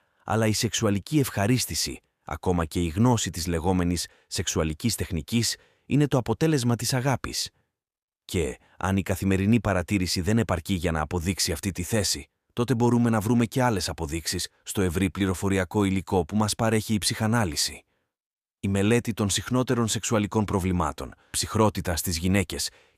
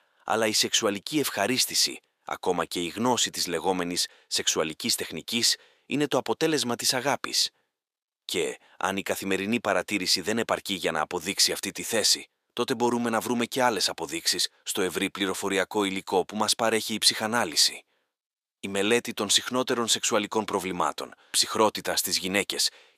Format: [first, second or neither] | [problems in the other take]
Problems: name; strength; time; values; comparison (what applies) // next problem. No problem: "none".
first | thin; somewhat; fading below 350 Hz